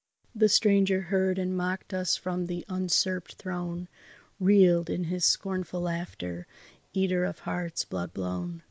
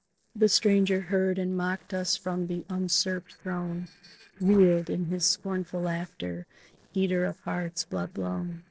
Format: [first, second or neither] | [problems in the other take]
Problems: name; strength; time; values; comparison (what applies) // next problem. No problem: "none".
first | noise reduction (neural separator model SepFormer DNS4)